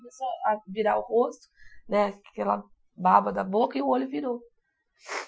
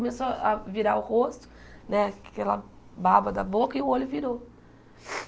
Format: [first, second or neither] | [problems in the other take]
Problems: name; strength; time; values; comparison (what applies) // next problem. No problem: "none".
second | noise reduction (classical method Wiener filter)